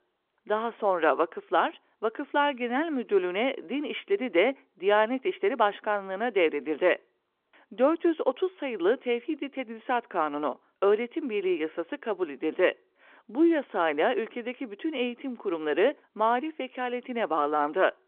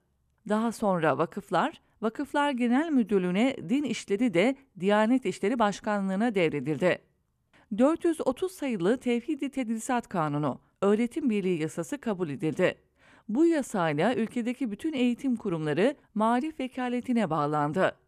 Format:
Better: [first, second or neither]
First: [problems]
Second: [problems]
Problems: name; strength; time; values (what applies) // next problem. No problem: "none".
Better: second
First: phone-call audio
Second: none